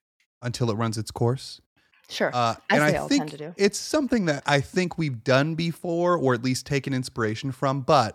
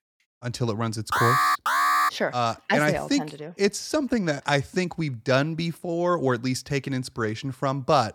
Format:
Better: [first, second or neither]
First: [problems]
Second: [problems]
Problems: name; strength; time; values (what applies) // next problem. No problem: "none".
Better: first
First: none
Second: alarm; loud; at 1 s; peak 6 dB above the speech